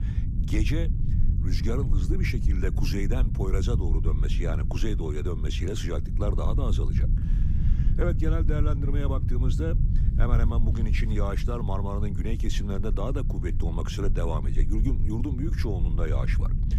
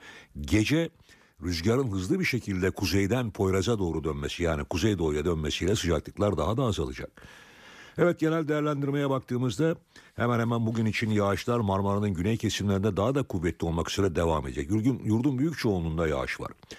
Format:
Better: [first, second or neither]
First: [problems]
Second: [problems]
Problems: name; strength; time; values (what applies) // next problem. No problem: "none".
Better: second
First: low rumble; loud; throughout; 7 dB below the speech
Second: none